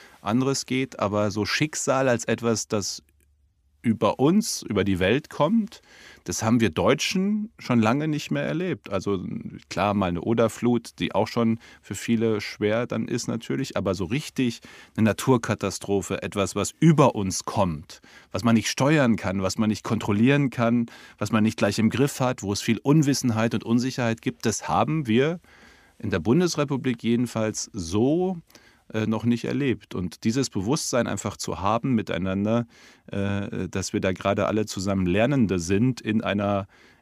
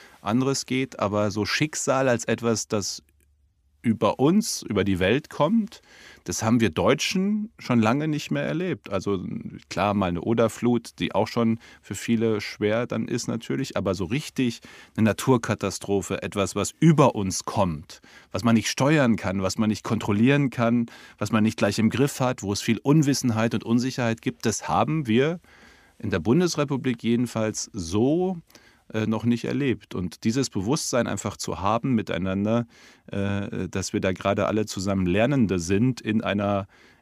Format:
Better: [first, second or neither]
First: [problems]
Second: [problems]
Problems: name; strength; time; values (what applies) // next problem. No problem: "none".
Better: neither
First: none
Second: none